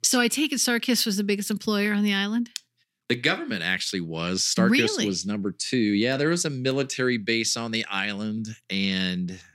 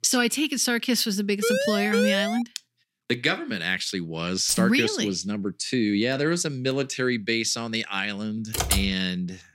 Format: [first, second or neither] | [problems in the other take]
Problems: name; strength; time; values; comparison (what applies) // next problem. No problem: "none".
first | siren; loud; from 1.5 to 2.5 s; peak level with the speech // jangling keys; noticeable; at 4.5 s; peak 5 dB below the speech // keyboard typing; loud; at 8.5 s; peak level with the speech